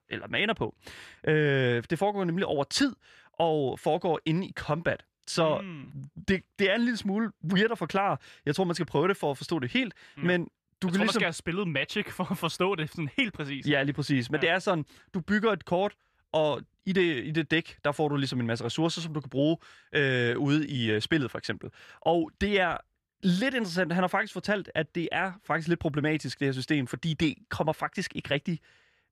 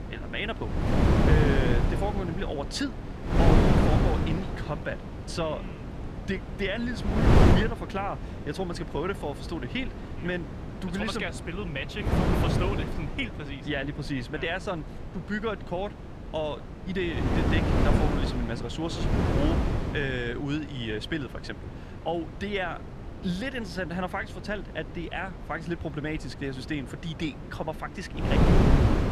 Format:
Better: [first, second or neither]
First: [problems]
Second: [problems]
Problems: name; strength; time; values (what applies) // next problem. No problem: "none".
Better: first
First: none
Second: wind noise on the microphone; heavy; 1 dB above the speech